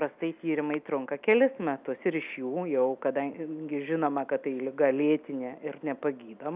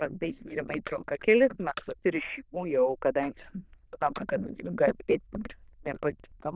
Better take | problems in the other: first | noise reduction (neural diffusion model UNIVERSE++)

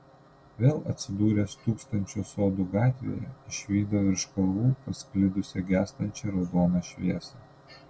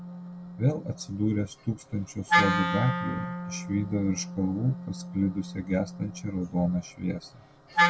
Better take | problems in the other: first | background sound (Wind instrument, woodwind instrument); 2 dB below the speech

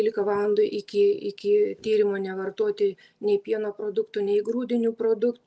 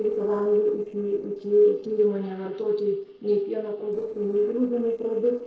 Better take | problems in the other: first | noise reduction (neural separator model SepFormer DNS4)

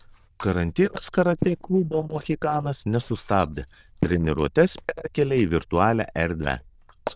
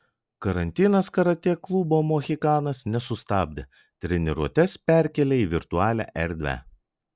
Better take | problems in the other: second | noise reduction (neural diffusion model UNIVERSE++)

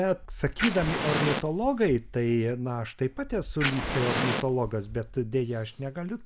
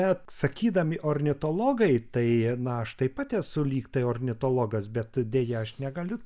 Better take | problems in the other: second | background sound (Fire); 5 dB below the speech

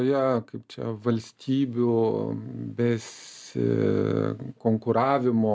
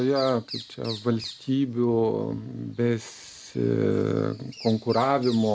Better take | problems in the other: first | background sound (Bird vocalization, bird call, bird song); 18 dB below the speech

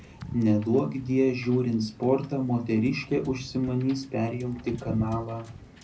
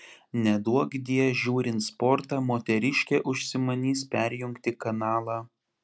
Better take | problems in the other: second | background sound (Wind / Boat, Water vehicle); 15 dB below the speech // room echo; dies away in 0.4 s

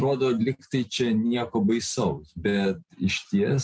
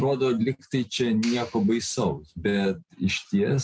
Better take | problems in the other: first | background sound (Clapping); 19 dB below the speech

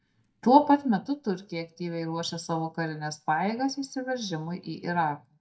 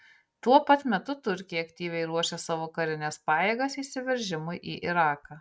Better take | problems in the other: second | noise reduction (neural mask model DeepFilterNet 3)

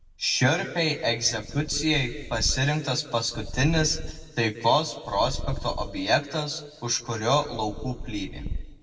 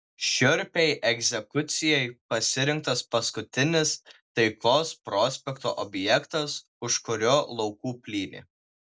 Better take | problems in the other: second | background sound (Purr); 10 dB below the speech // room echo; dies away in 1.5 s

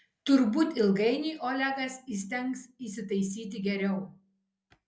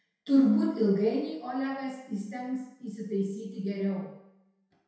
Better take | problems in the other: first | room echo; dies away in 0.7 s

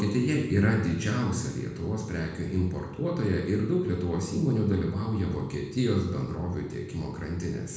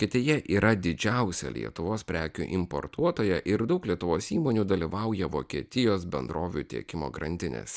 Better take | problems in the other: second | room echo; dies away in 1 s

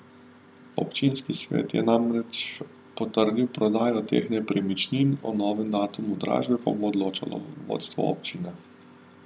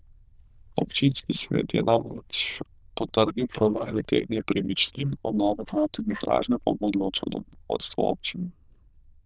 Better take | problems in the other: first | noise reduction (neural diffusion model UNIVERSE++)

